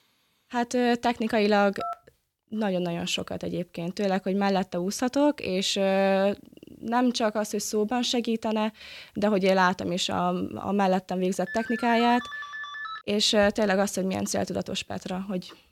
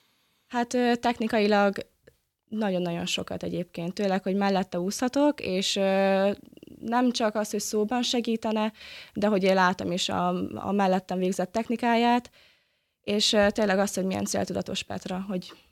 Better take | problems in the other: second | phone ringing; noticeable; at 2 s and from 11 to 13 s; peak 8 dB below the speech

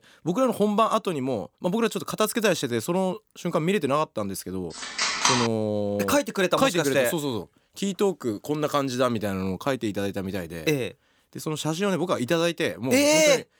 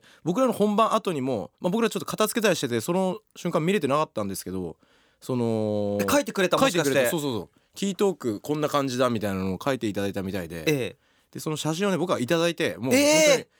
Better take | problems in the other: second | phone ringing; loud; at 5 s; peak 4 dB above the speech

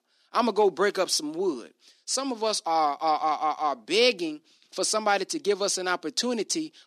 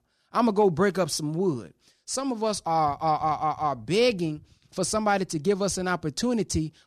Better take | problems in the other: second | thin; very slightly; fading below 250 Hz

